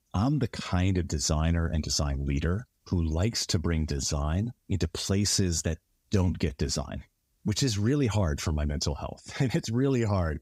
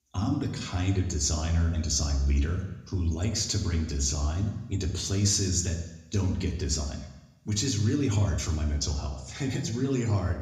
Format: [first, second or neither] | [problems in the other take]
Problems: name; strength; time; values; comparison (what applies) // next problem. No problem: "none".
first | room echo; slight; dies away in 0.9 s